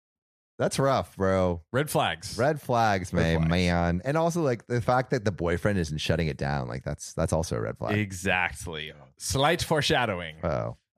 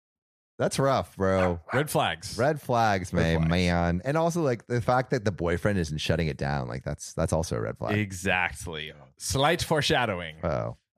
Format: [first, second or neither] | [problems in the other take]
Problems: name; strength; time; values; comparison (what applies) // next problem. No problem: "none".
first | dog barking; noticeable; at 1.5 s; peak 6 dB below the speech